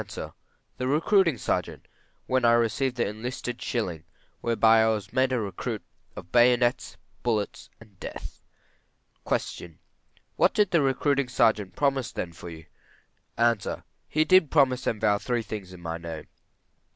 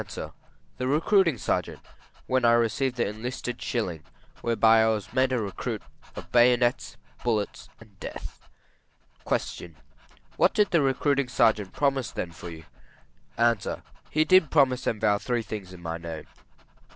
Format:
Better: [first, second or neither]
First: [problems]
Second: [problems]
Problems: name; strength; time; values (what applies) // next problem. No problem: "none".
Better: first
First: none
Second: background sound (Dog); 20 dB below the speech